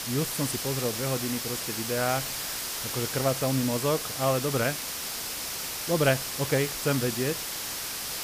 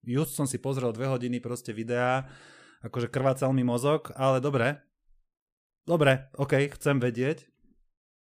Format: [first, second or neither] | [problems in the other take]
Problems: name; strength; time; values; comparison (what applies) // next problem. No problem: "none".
second | hiss; loud; throughout; 2 dB below the speech